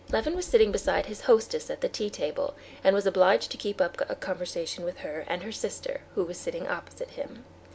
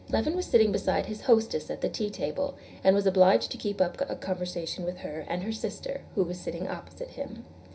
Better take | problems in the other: first | room echo; dies away in 0.5 s

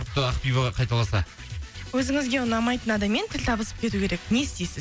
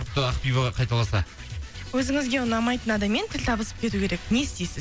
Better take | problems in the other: first | background sound (Gull, seagull / Fowl); 19 dB below the speech

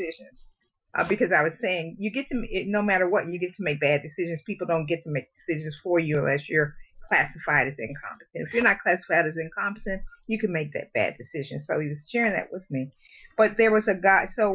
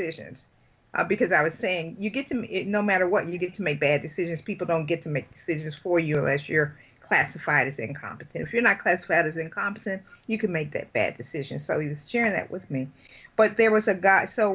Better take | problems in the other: second | noise reduction (classical method Wiener filter)

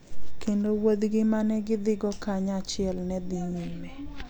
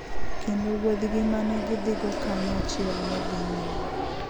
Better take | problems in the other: first | background sound (Fixed-wing aircraft, airplane); 4 dB below the speech

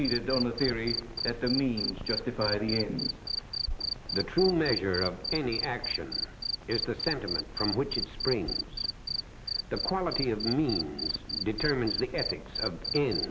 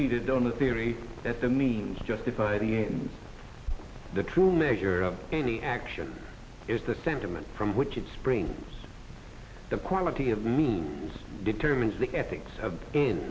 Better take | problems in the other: second | background sound (Cricket); 4 dB below the speech

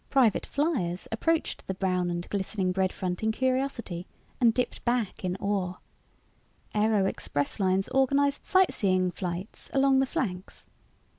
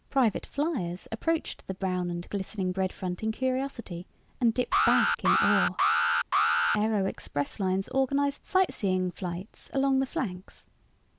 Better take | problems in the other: first | background sound (Alarm); 1 dB above the speech

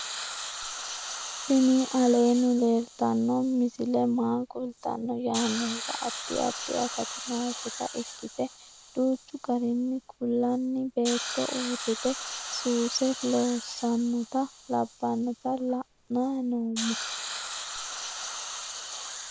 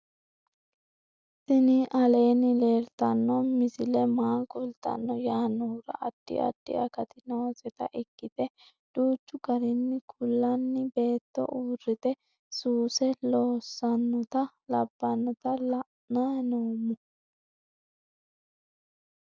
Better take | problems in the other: second | background sound (Hiss); 10 dB below the speech

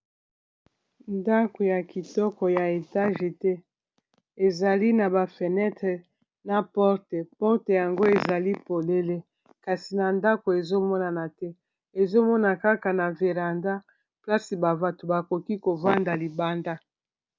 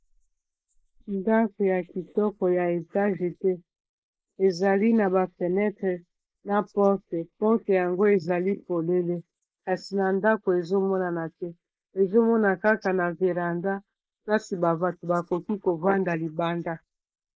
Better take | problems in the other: first | noise reduction (neural mask model Resemble Enhance denoiser)

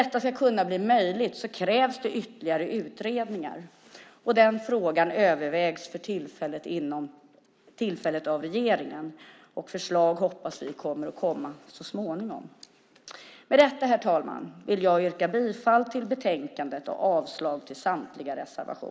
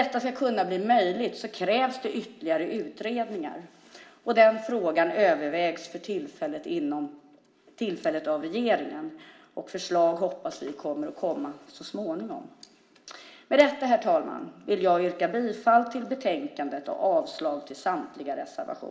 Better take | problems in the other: first | room echo; dies away in 0.8 s

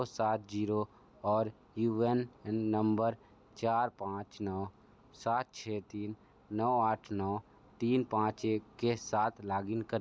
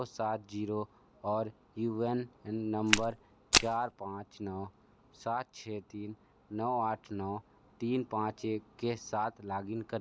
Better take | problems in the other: first | background sound (Walk, footsteps); 4 dB above the speech

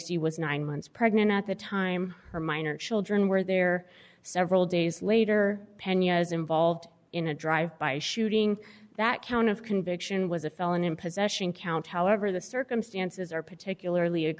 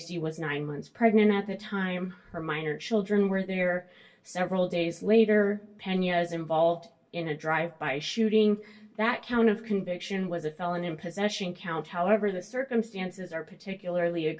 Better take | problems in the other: first | room echo; dies away in 0.2 s

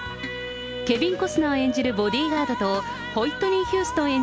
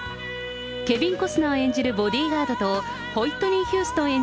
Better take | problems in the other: second | background sound (Keyboard (musical)); 19 dB below the speech

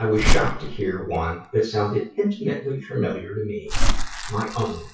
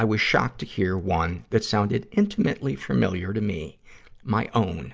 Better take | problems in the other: second | noise reduction (classical method WPE with log-MMSE)

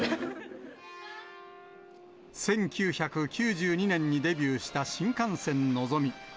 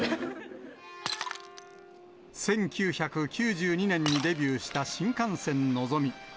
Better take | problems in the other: first | background sound (Shatter); 13 dB below the speech

